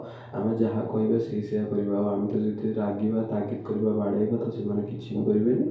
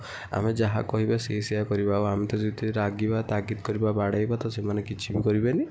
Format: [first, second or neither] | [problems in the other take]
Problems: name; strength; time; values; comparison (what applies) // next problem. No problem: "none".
second | room echo; dies away in 2.4 s